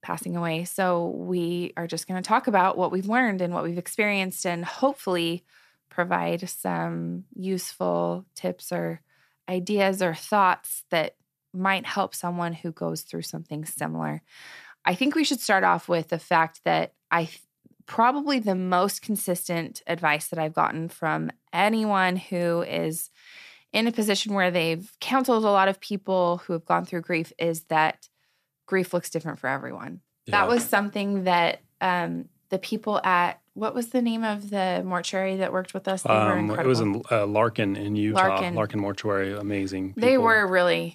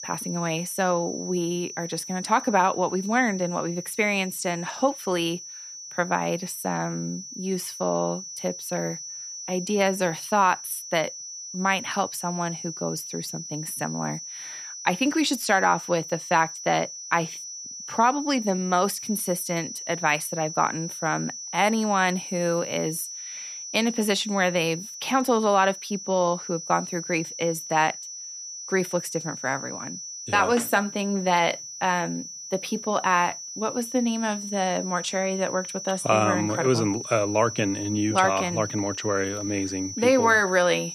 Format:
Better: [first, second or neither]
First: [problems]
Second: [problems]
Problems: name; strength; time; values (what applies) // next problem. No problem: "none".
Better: first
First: none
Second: high-pitched whine; loud; throughout; 6 kHz, 9 dB below the speech